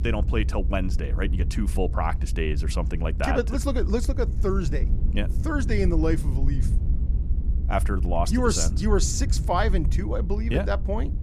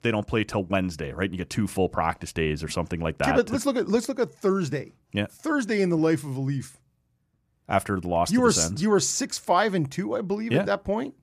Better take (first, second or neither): second